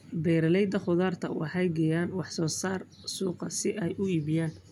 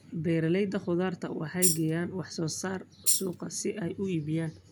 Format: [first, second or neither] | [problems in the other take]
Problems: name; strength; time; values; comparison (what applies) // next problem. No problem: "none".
first | background sound (Tambourine); 3 dB above the speech